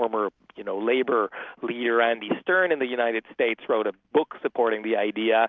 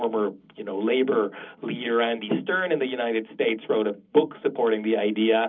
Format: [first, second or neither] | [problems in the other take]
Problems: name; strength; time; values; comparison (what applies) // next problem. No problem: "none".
first | room echo; dies away in 0.4 s